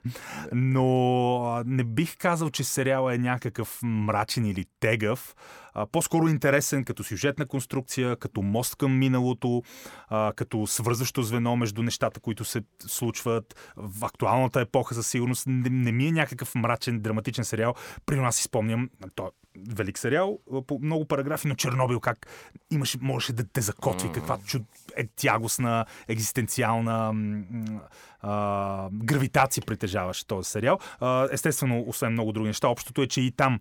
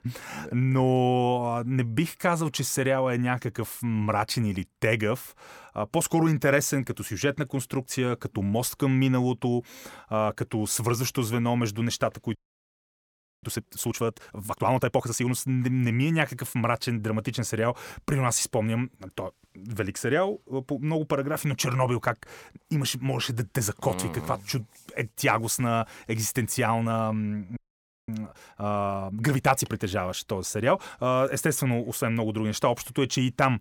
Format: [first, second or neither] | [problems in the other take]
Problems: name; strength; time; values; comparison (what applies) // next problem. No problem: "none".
first | audio freezing; at 12 s for 1 s and at 28 s for 0.5 s